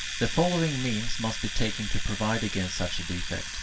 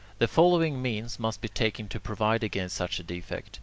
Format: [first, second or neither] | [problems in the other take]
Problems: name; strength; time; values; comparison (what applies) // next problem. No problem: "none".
second | background sound (Domestic sounds, home sounds); 8 dB below the speech // room echo; dies away in 0.2 s